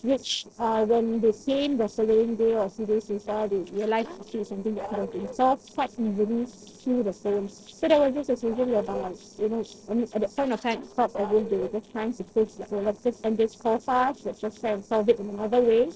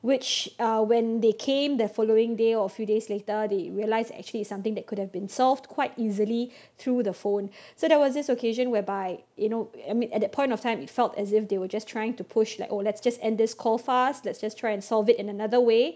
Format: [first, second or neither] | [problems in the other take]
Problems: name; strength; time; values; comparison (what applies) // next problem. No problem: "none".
second | noise reduction (neural separator model SepFormer DNS4)